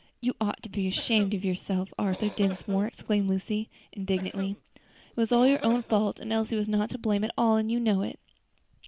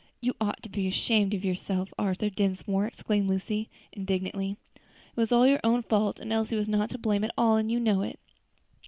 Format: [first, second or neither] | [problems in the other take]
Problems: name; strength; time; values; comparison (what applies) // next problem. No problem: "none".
second | background sound (Cough); 18 dB below the speech